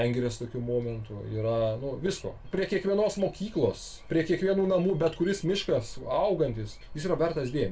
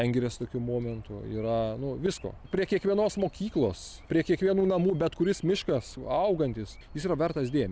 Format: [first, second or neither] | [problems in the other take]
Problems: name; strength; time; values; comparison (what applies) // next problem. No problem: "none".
second | room echo; dies away in 0.2 s